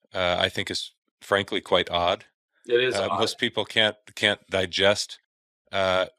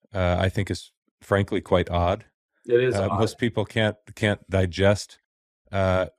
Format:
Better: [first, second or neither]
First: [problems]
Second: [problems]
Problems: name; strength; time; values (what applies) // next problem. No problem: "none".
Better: second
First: thin; somewhat; fading below 1 kHz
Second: none